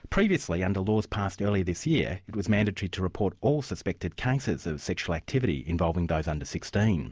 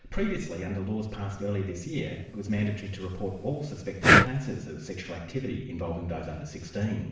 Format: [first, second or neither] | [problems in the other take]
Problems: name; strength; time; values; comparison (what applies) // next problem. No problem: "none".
first | background sound (Breathing); 5 dB above the speech // room echo; dies away in 0.7 s